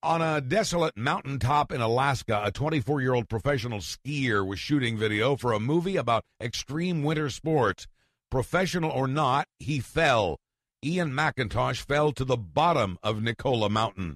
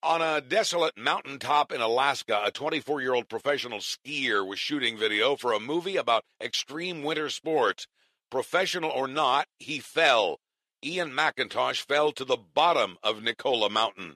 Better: first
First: none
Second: thin; somewhat; fading below 450 Hz

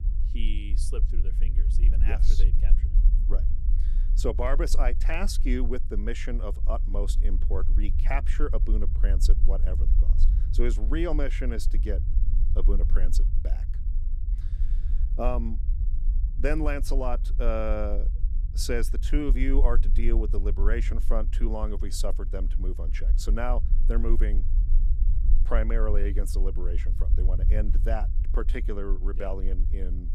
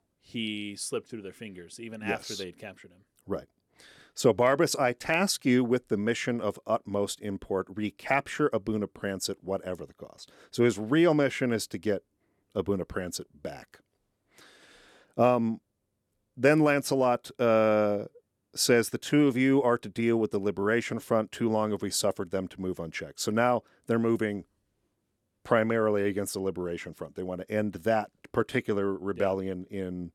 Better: second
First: low rumble; noticeable; throughout; 15 dB below the speech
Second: none

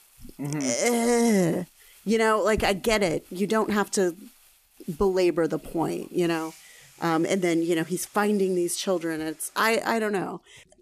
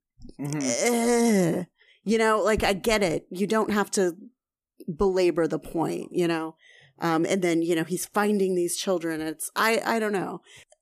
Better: second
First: household noises; faint; throughout; 25 dB below the speech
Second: none

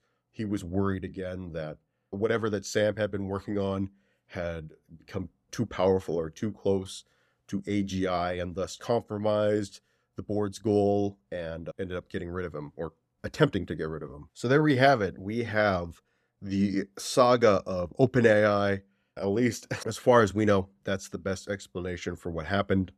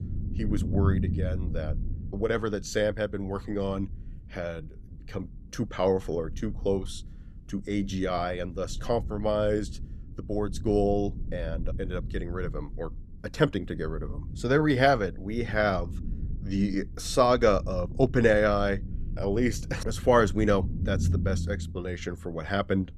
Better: first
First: none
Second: low rumble; noticeable; throughout; 20 dB below the speech

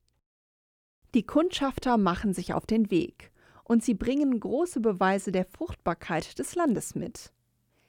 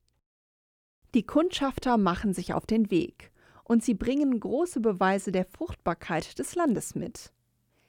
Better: neither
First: none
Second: none

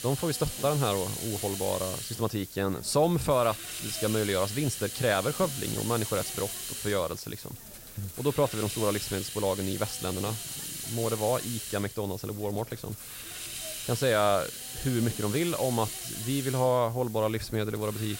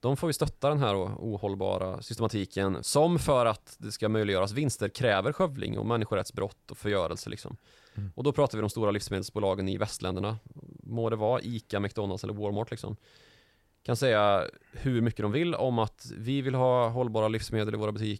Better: second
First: hiss; loud; throughout; 6 dB below the speech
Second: none

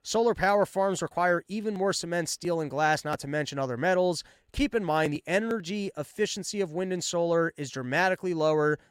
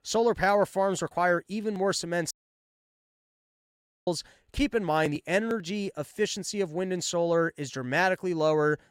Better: first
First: none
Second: audio cutting out; at 2.5 s for 2 s

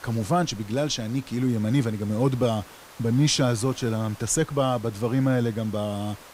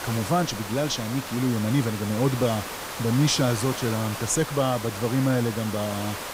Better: first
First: hiss; faint; throughout; 20 dB below the speech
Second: hiss; loud; throughout; 8 dB below the speech

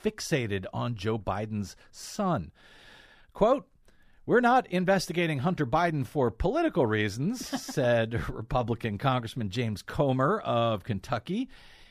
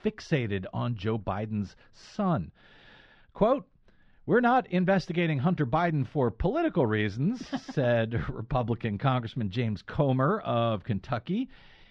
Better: first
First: none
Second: muffled; very slightly; fading above 4 kHz

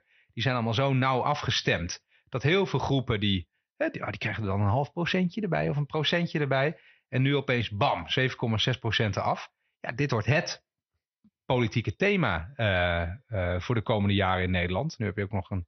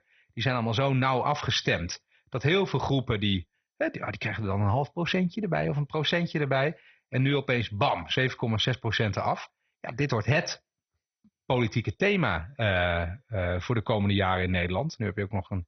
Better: first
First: garbled, watery; slightly; nothing above 6 kHz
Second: garbled, watery; badly; nothing above 6 kHz

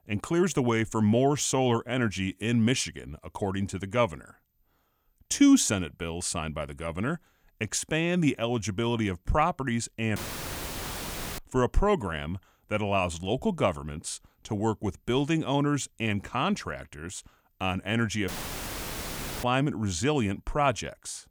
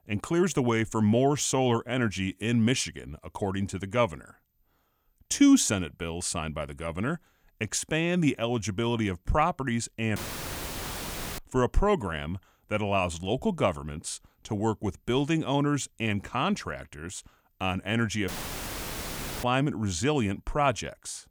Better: neither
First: audio cutting out; filled with static; at 10 s for 1 s and at 18 s for 1 s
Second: audio cutting out; filled with static; at 10 s for 1 s and at 18 s for 1 s

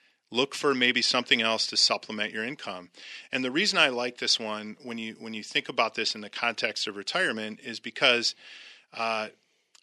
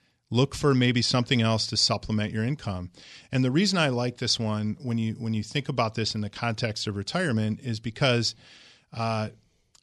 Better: second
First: thin; somewhat; fading below 300 Hz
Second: none

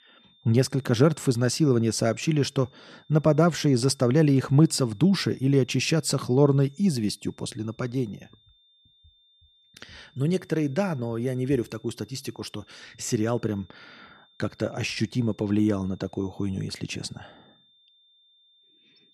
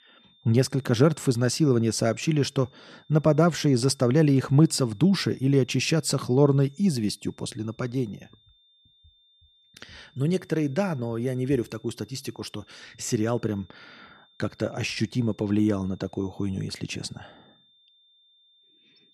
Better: neither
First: high-pitched whine; faint; throughout; 3.5 kHz, 35 dB below the speech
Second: high-pitched whine; faint; throughout; 3.5 kHz, 35 dB below the speech

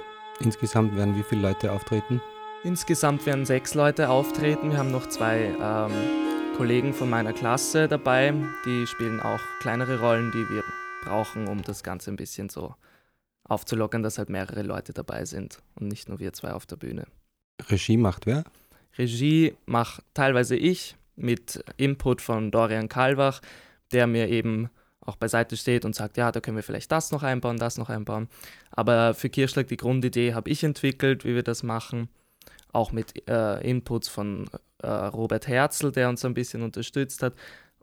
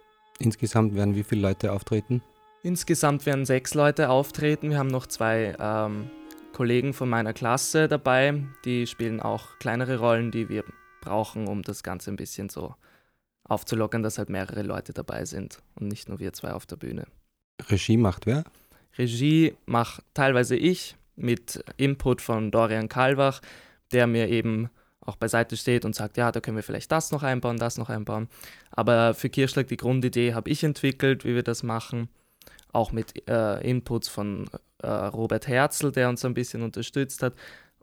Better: second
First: background music; loud; until 11 s; 7 dB below the speech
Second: background music; faint; until 11 s; 25 dB below the speech

